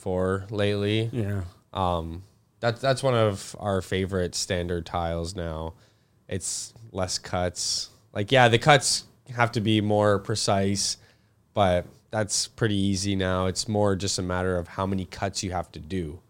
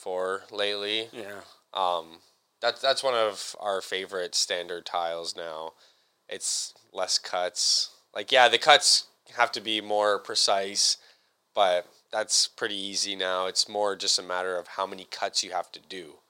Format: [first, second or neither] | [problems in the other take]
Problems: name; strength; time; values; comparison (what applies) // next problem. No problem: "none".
first | thin; very; fading below 650 Hz